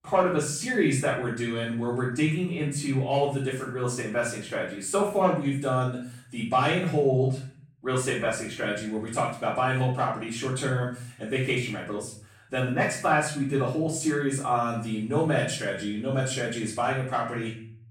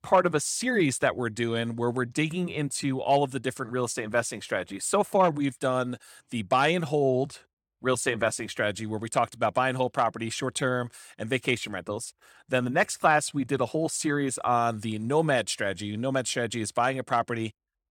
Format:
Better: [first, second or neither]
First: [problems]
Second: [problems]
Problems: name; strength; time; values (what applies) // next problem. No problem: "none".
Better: second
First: off-mic speech; far // room echo; noticeable; dies away in 0.5 s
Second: none